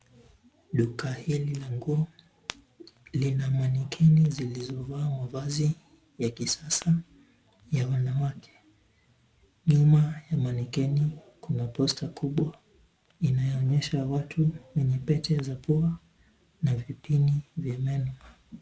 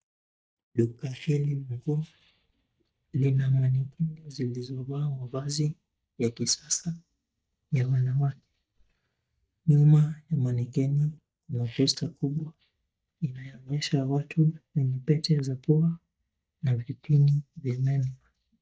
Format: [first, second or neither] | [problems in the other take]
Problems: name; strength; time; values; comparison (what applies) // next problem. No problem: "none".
first | noise reduction (neural mask model DeepFilterNet 3)